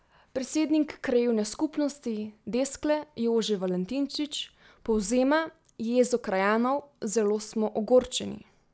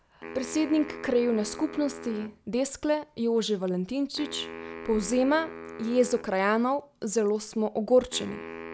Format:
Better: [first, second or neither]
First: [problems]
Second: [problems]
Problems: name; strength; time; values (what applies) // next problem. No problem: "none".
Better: first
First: none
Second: background sound (Wind instrument, woodwind instrument); 15 dB below the speech